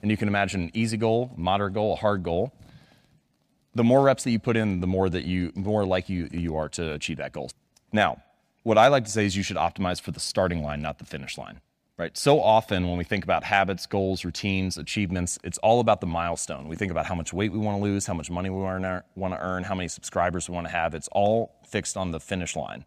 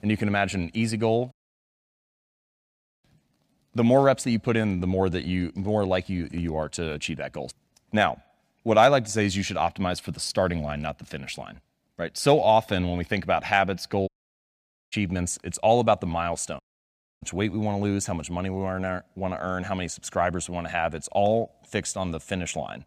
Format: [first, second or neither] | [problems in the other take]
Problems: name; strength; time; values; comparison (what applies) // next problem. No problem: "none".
first | audio cutting out; at 1.5 s for 1.5 s, at 14 s for 1 s and at 17 s for 0.5 s